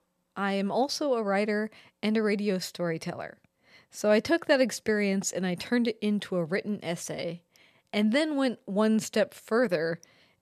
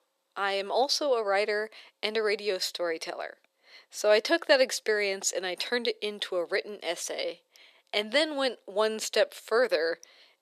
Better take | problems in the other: first | thin; very; fading below 350 Hz

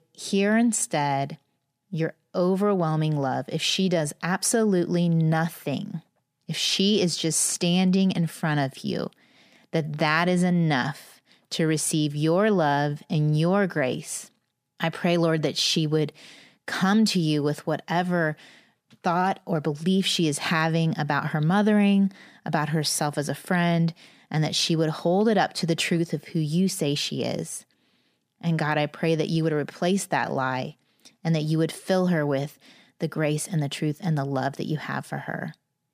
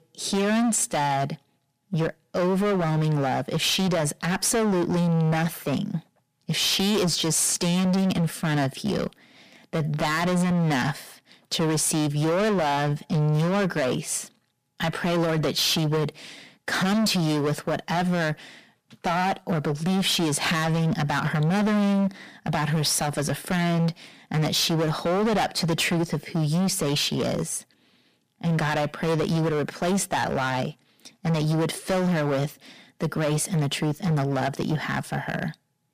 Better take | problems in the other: first | distortion; heavy; 24% of the sound clipped

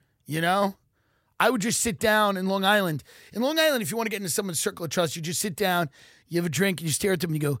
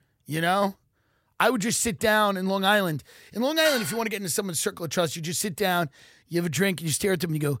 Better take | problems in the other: first | clattering dishes; noticeable; at 3.5 s; peak 5 dB below the speech

